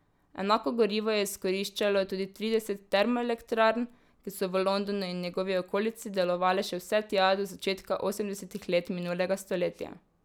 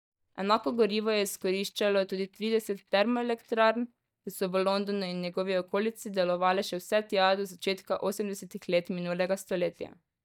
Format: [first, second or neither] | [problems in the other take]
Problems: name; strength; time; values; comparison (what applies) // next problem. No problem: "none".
first | noise reduction (neural mask model DeepFilterNet 3)